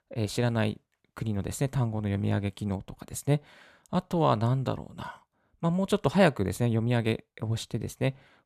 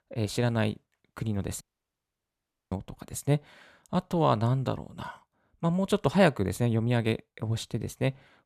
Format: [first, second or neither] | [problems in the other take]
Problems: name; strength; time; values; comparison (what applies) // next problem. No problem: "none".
first | audio cutting out; at 1.5 s for 1 s